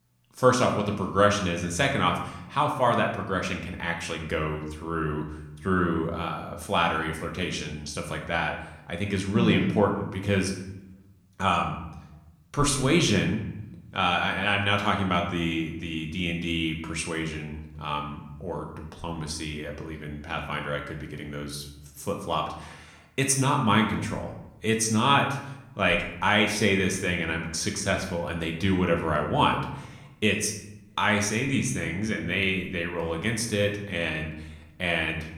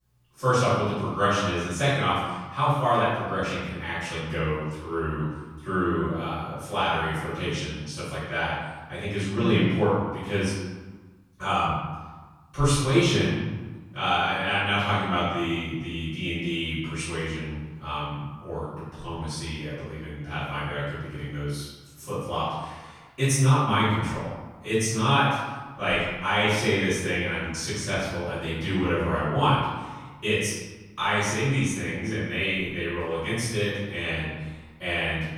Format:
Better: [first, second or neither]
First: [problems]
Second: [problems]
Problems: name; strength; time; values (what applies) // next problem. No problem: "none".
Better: first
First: room echo; slight; dies away in 0.7 s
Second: room echo; strong; dies away in 1.1 s // off-mic speech; far